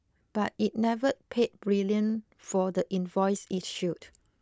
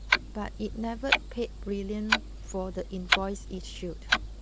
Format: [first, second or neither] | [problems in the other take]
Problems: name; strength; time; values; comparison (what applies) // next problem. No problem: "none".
first | background sound (Clock); 4 dB above the speech